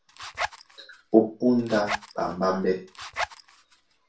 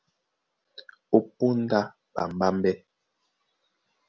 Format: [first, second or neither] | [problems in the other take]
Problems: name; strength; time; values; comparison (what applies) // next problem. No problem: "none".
second | background sound (Zipper (clothing)); 10 dB below the speech // room echo; dies away in 0.3 s